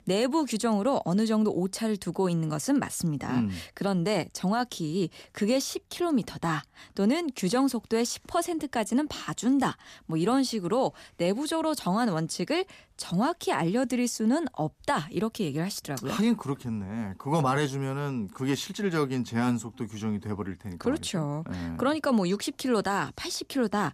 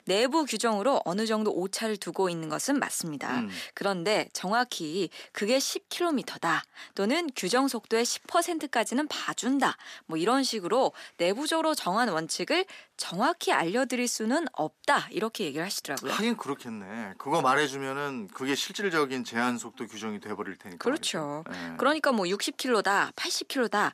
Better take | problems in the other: first | thin; somewhat; fading below 300 Hz

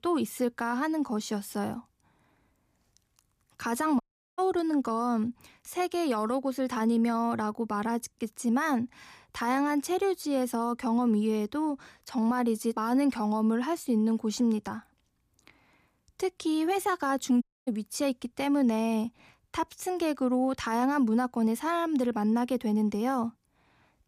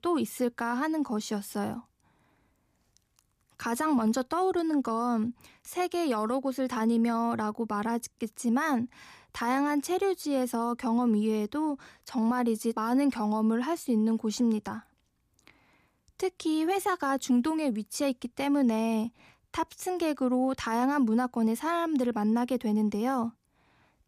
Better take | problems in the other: second | audio cutting out; at 4 s and at 17 s

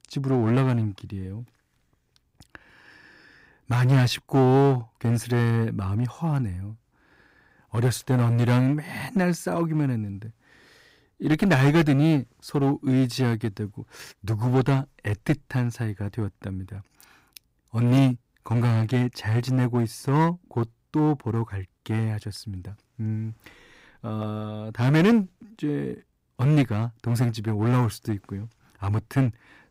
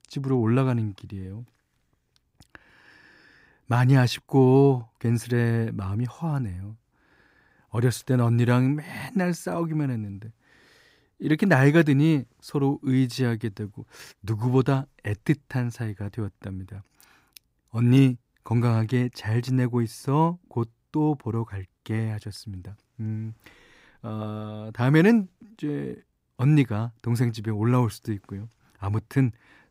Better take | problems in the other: second | distortion; slight; 6% of the sound clipped

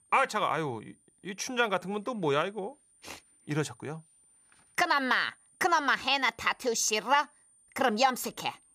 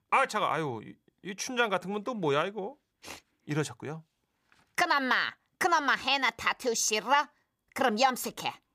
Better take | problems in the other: second | high-pitched whine; faint; throughout; 9 kHz, 35 dB below the speech

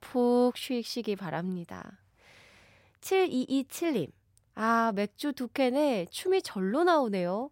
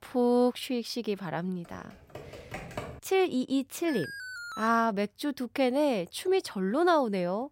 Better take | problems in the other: first | keyboard typing; faint; from 1.5 to 3 s; peak 10 dB below the speech // alarm; faint; at 4 s; peak 10 dB below the speech

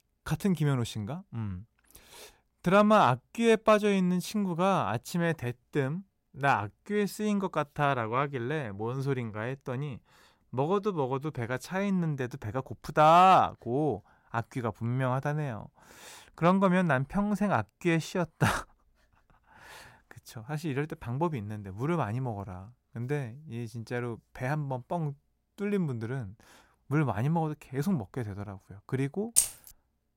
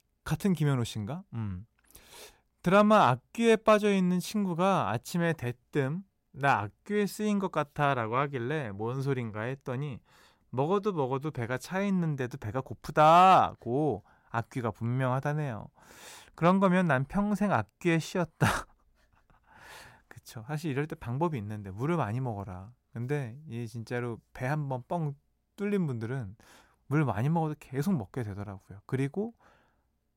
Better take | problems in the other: second | jangling keys; loud; at 29 s; peak 4 dB above the speech

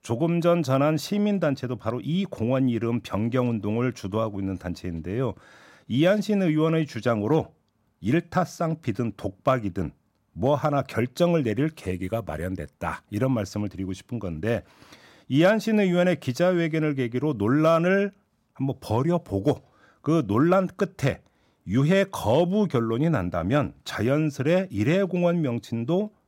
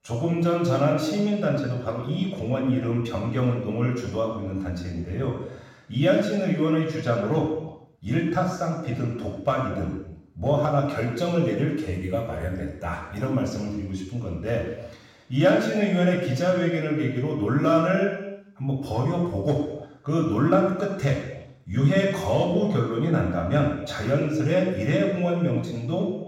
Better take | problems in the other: first | room echo; noticeable; dies away in 0.9 s // off-mic speech; far

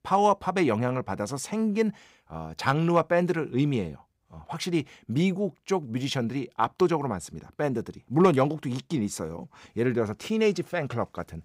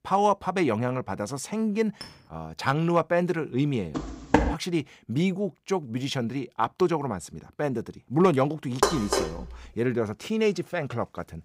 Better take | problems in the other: first | clattering dishes; faint; at 2 s; peak 15 dB below the speech // footsteps; loud; at 4 s; peak 3 dB above the speech // clattering dishes; loud; at 9 s; peak 2 dB above the speech

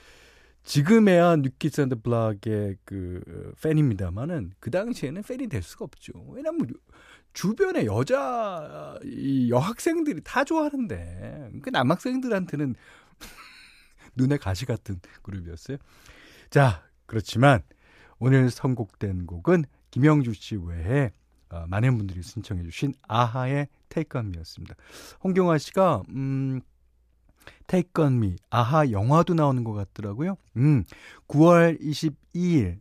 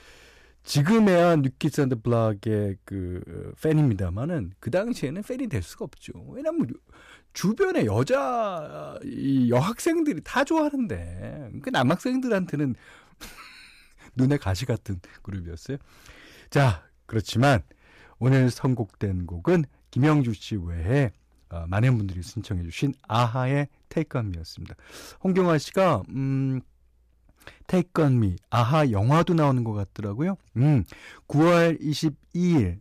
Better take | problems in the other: first | distortion; slight; 4% of the sound clipped

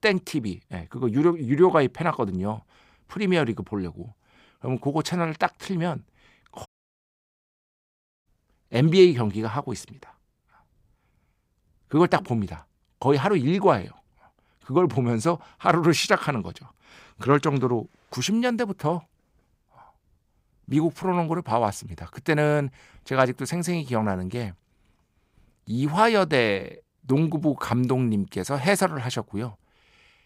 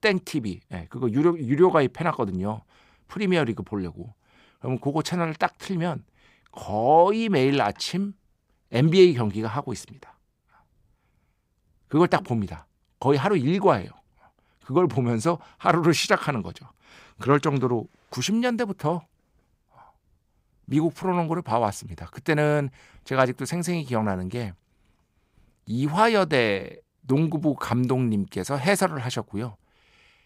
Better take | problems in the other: second | audio cutting out; at 6.5 s for 1.5 s

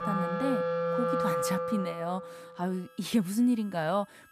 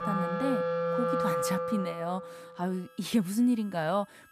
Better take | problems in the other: neither | background music; very loud; throughout; 1 dB above the speech; the same in both

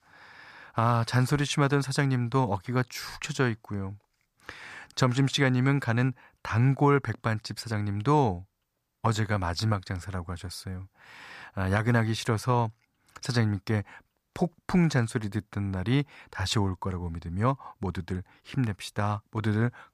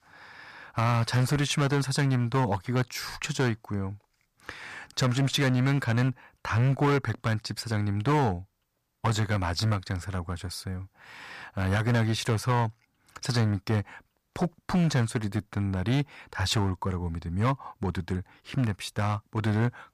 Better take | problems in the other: first | distortion; slight; 7% of the sound clipped

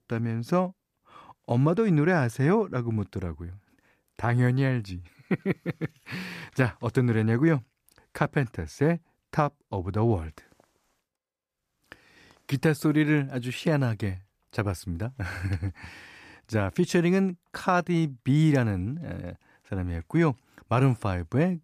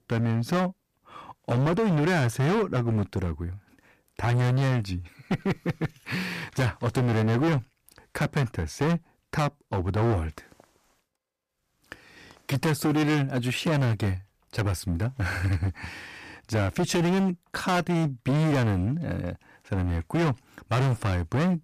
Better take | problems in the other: first | distortion; heavy; 17% of the sound clipped

